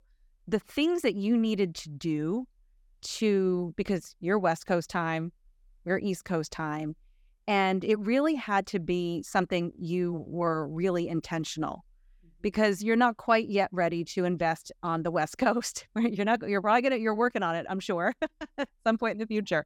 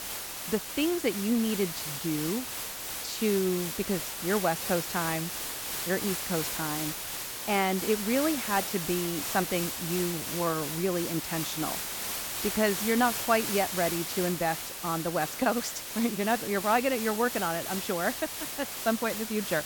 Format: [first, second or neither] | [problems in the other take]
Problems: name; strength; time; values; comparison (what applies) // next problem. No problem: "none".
first | hiss; loud; throughout; 3 dB below the speech